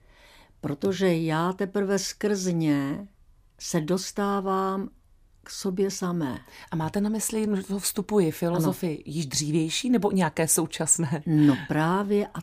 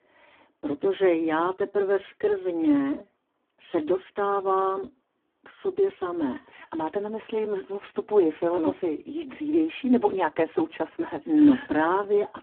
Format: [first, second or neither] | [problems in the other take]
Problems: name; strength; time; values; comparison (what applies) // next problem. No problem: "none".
first | phone-call audio; poor line